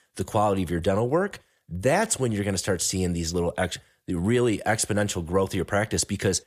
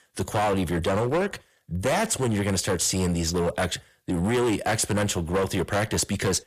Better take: first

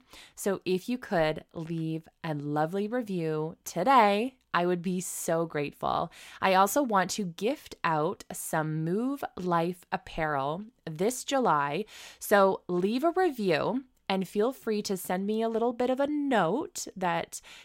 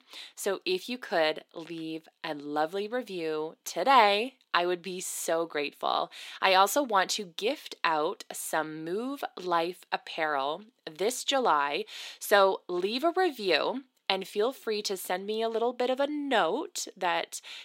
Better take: first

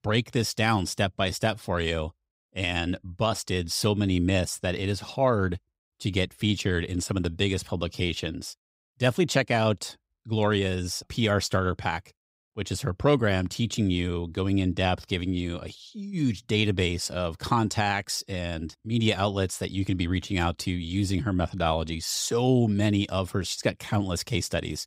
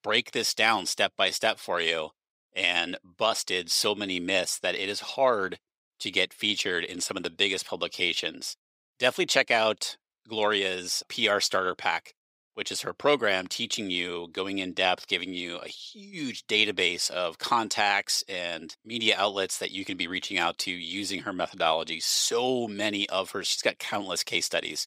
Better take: first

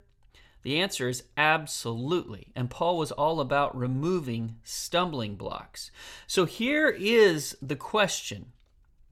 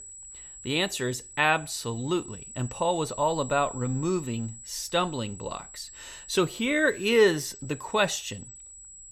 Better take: first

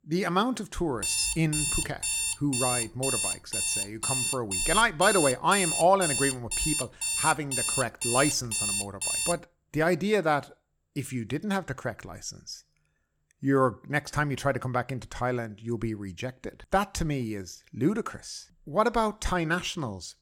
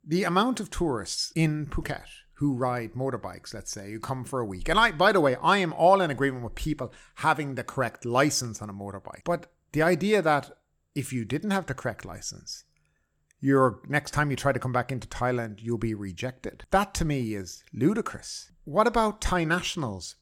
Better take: second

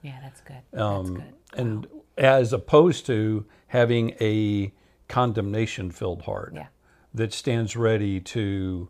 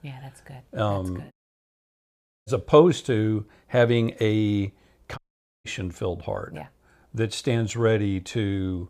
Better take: first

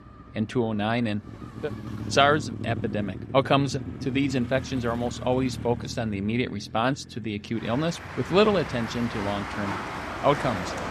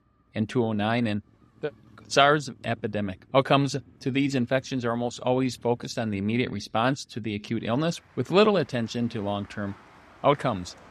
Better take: second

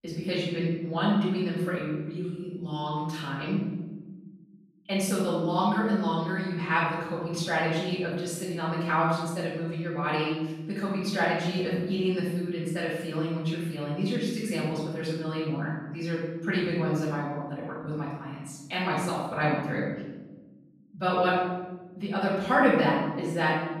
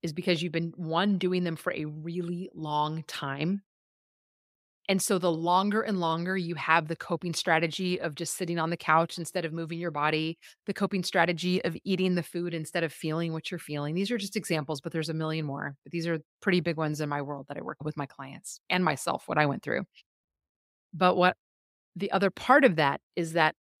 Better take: second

